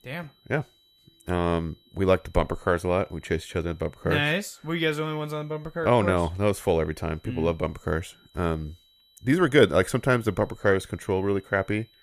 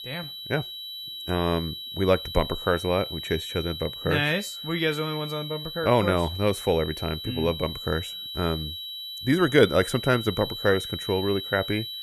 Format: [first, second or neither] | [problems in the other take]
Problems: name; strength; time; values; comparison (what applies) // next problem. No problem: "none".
first | high-pitched whine; loud; throughout; 4 kHz, 8 dB below the speech; faint in the first